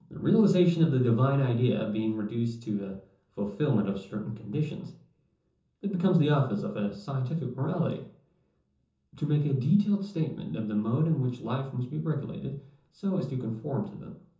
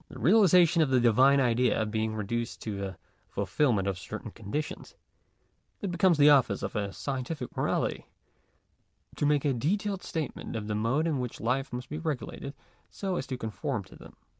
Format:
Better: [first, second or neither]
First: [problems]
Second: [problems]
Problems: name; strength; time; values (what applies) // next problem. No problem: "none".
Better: second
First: room echo; dies away in 0.6 s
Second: none